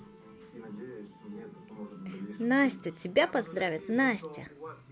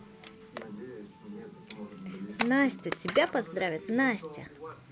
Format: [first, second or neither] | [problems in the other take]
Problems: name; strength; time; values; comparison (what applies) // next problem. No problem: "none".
first | background sound (Camera); 12 dB below the speech